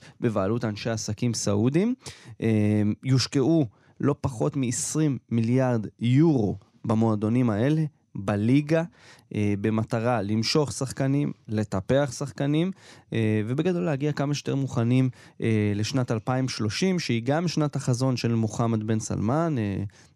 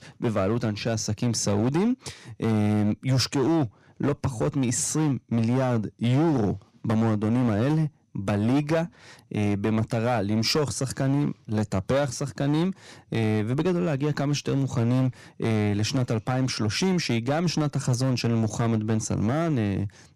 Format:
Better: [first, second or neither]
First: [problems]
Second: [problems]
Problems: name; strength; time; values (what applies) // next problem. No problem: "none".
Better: first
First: none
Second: distortion; slight; 11% of the sound clipped